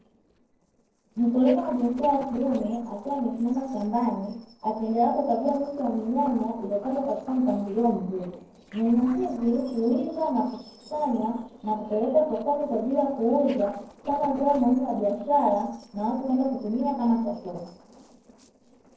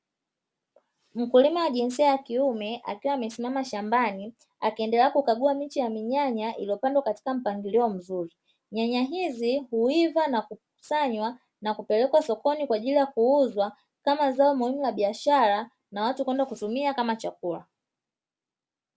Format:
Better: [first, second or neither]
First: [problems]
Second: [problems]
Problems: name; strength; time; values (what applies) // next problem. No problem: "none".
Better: second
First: noise reduction (neural separator model SepFormer DNS4)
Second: none